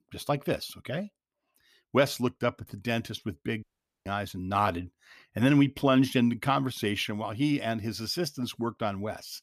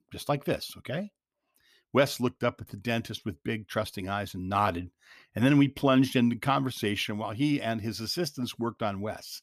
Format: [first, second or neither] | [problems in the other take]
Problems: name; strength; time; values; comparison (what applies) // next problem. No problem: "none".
second | audio cutting out; at 3.5 s